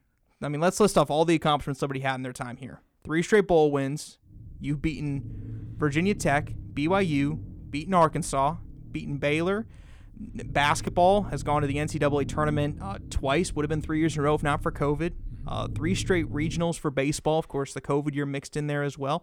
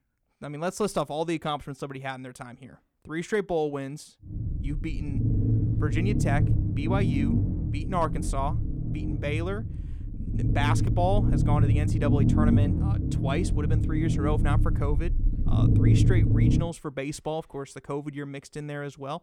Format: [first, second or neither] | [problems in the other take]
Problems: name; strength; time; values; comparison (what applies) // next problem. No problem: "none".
first | low rumble; loud; from 4.5 to 17 s; 3 dB below the speech; faint in the first